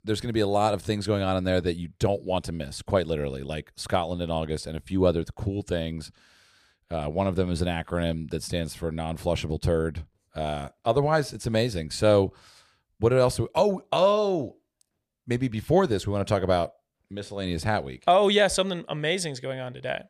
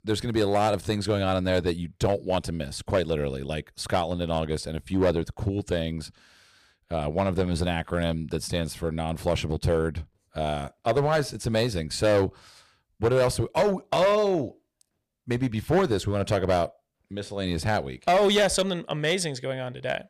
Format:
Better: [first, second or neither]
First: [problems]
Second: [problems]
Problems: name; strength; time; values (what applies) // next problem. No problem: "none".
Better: first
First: none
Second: distortion; slight; 5% of the sound clipped